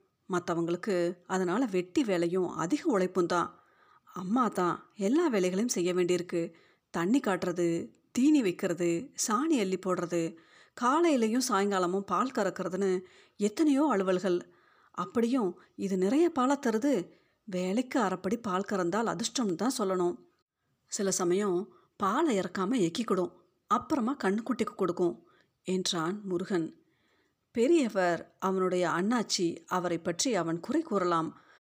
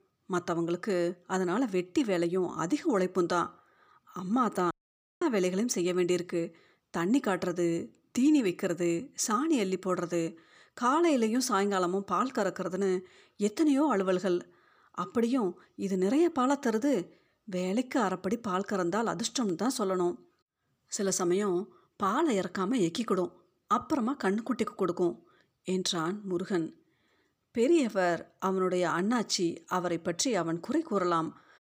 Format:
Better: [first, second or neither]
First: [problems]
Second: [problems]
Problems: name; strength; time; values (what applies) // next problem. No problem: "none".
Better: first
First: none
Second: audio cutting out; at 4.5 s for 0.5 s